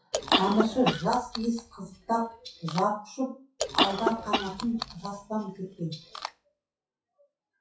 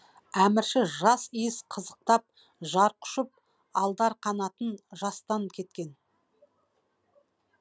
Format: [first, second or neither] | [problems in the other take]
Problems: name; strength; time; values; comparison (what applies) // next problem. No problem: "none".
second | noise reduction (classical method WPE with log-MMSE)